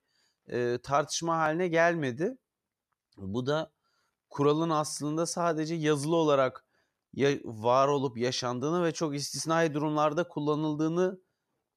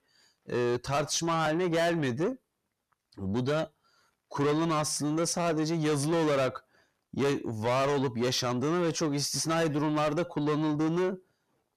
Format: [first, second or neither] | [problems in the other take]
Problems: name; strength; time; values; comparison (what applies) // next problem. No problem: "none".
first | distortion; heavy; 7 dB below the speech